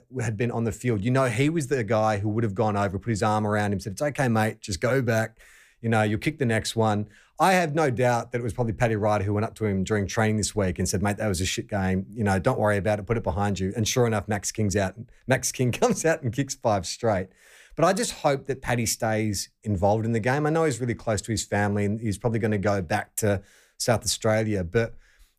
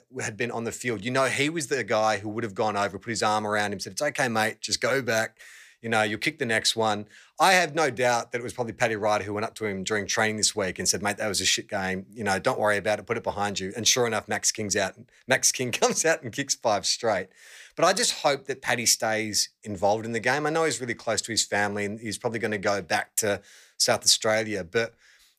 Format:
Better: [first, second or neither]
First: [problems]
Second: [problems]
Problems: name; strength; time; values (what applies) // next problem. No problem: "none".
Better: first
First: none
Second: thin; somewhat; fading below 1 kHz